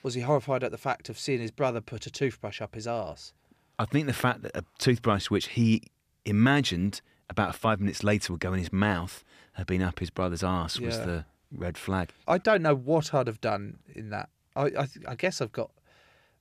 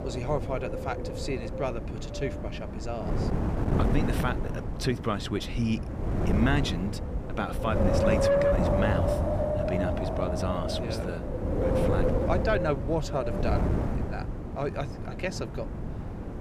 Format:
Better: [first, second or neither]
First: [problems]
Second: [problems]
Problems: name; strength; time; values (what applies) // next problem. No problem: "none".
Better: first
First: none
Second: wind noise on the microphone; heavy; 2 dB above the speech